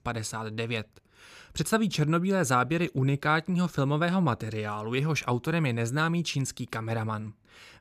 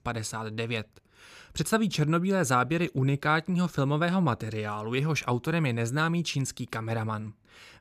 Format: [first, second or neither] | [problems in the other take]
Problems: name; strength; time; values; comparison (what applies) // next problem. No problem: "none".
neither | none